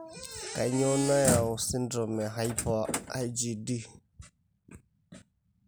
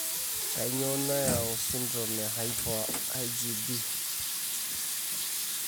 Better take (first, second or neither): first